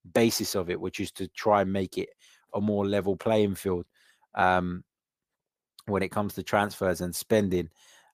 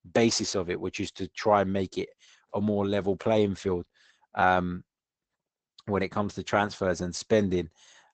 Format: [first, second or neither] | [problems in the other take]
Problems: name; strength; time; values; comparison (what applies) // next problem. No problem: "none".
first | garbled, watery; badly; nothing above 7.5 kHz; slightly in the first